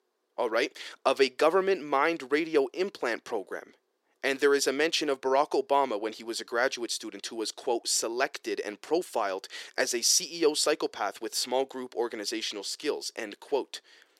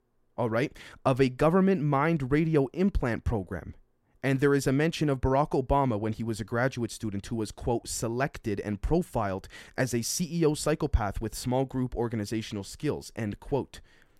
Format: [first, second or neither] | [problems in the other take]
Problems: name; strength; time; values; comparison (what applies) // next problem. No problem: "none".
second | thin; somewhat; fading below 350 Hz